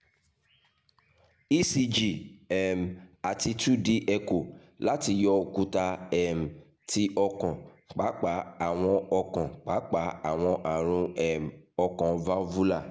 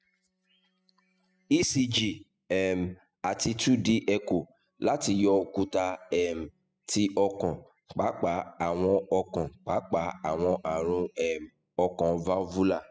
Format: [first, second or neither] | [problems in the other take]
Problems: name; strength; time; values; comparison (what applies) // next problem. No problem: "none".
first | noise reduction (classical method spectral subtraction)